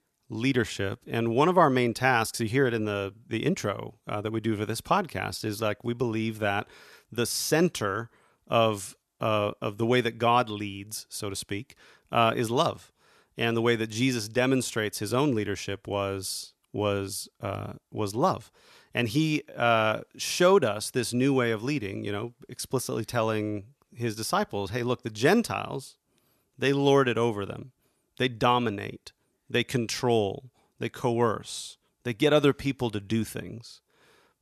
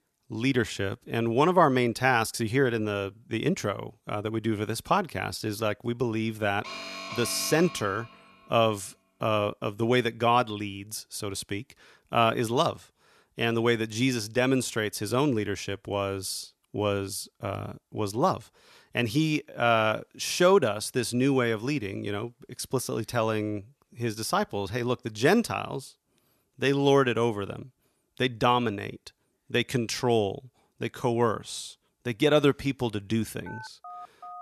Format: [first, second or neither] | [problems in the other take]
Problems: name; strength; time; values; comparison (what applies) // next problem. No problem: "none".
first | alarm; noticeable; from 6.5 to 8.5 s; peak 8 dB below the speech // phone ringing; faint; at 33 s; peak 15 dB below the speech